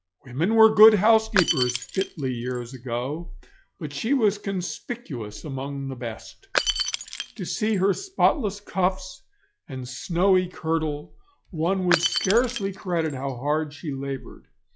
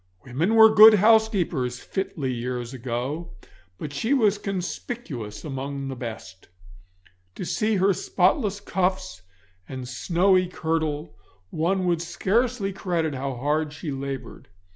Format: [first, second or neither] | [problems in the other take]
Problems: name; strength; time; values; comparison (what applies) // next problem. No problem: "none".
second | noise reduction (classical method log-MMSE)